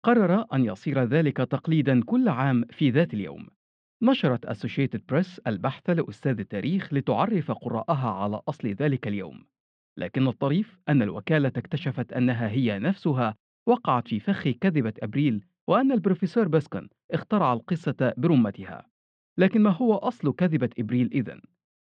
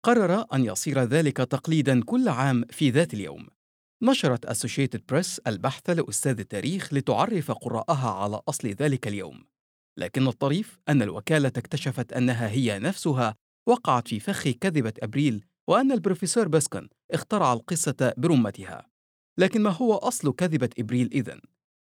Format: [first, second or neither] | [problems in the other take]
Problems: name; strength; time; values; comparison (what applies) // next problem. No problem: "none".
second | muffled; very; fading above 3.5 kHz